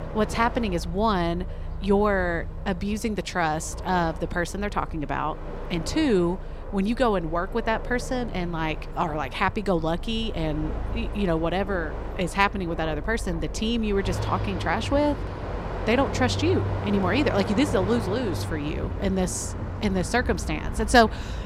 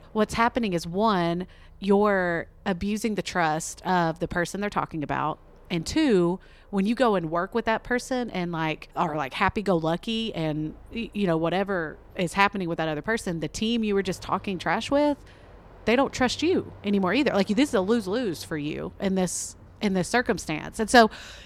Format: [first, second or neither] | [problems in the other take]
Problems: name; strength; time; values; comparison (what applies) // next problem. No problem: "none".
second | train or aircraft noise; loud; throughout; 8 dB below the speech; faint in the second